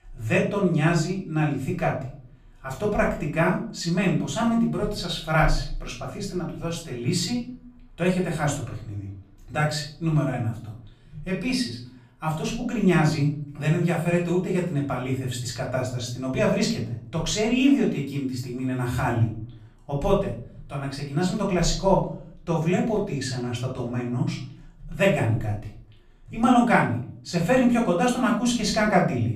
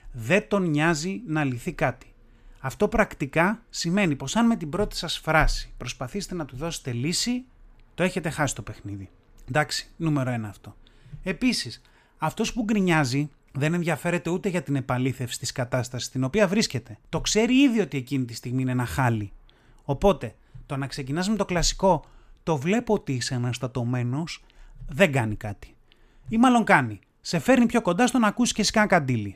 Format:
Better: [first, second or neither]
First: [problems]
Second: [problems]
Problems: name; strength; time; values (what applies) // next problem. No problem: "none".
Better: second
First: off-mic speech; far // room echo; slight; dies away in 0.5 s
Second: none